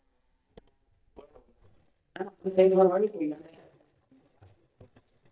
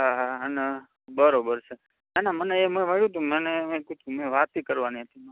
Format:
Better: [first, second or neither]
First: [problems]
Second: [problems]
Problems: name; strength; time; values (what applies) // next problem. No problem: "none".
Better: second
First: noise reduction (neural mask model DeepFilterNet 3)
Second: none